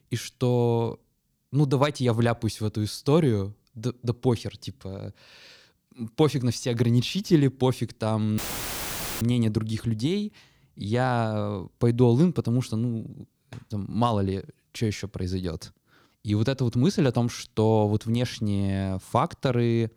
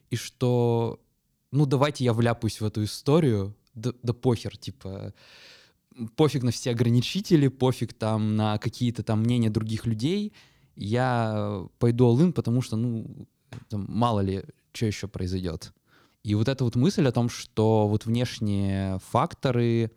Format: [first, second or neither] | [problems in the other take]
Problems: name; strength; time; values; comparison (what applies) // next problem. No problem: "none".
second | audio cutting out; filled with static; at 8.5 s for 1 s